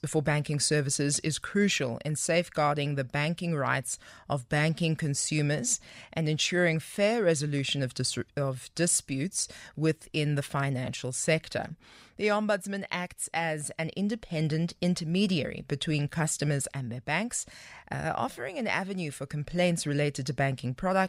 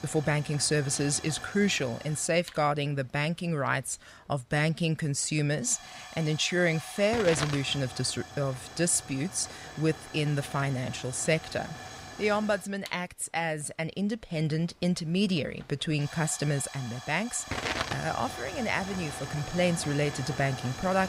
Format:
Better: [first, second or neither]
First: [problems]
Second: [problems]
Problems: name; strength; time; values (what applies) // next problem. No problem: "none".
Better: first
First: none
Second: hiss; noticeable; throughout; 10 dB below the speech